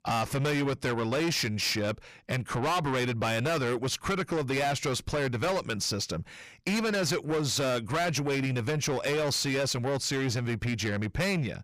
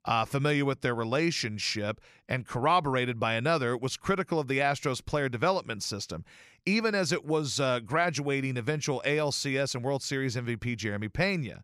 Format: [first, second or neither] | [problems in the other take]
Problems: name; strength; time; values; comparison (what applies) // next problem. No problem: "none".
second | distortion; heavy; 6 dB below the speech